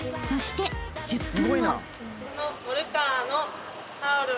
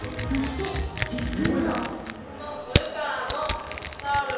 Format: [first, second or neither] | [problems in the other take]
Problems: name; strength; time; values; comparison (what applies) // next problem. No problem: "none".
first | background sound (Crushing); 4 dB below the speech // room echo; dies away in 1.2 s